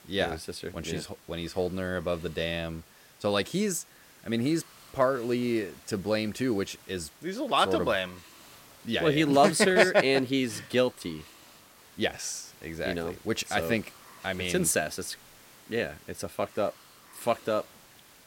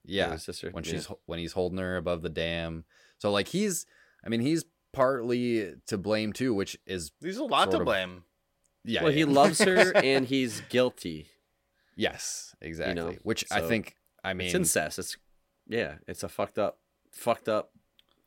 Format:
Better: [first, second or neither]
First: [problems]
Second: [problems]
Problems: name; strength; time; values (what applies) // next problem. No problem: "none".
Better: second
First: hiss; faint; throughout; 25 dB below the speech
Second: none